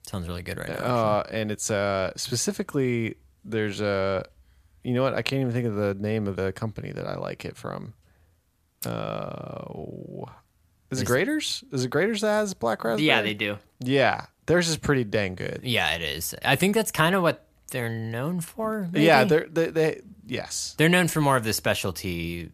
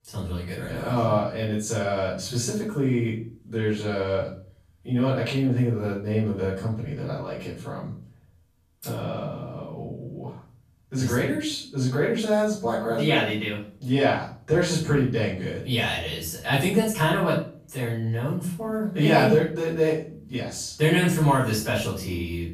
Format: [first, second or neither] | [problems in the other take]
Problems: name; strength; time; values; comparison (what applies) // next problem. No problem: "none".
first | off-mic speech; far // room echo; noticeable; dies away in 0.4 s